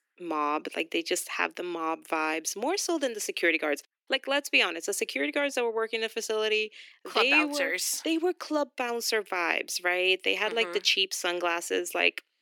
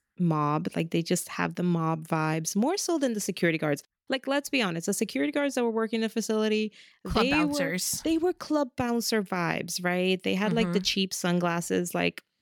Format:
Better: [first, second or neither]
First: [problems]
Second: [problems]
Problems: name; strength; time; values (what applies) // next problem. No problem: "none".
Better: second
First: thin; somewhat; fading below 300 Hz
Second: none